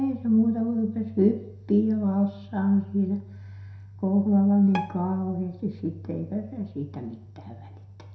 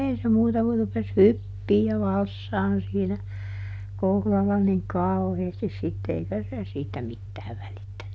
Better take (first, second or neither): second